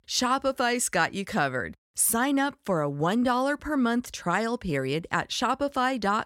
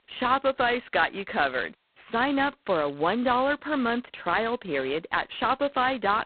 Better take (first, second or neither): first